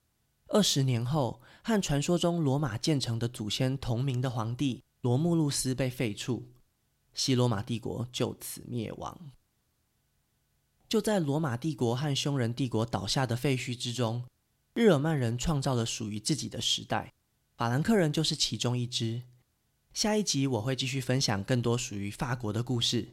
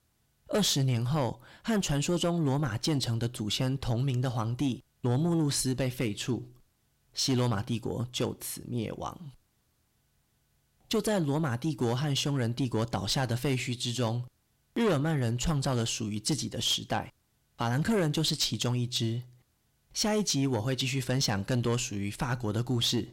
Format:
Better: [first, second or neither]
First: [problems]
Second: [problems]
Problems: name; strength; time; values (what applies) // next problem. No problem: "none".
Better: first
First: none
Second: distortion; slight; 10 dB below the speech